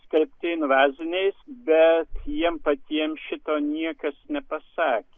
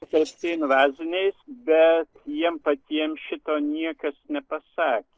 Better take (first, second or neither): first